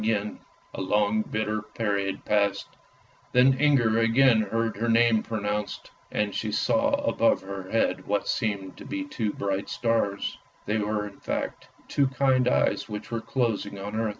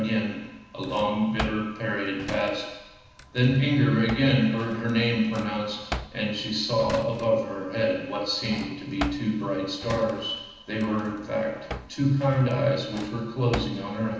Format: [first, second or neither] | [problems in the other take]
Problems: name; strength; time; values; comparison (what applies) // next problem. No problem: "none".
first | background sound (Drawer open or close); 13 dB below the speech // room echo; dies away in 1.1 s